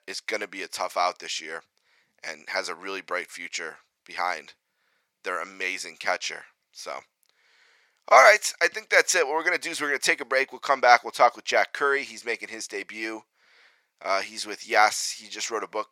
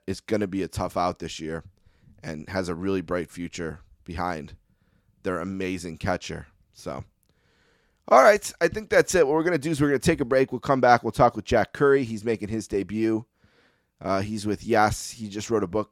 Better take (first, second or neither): second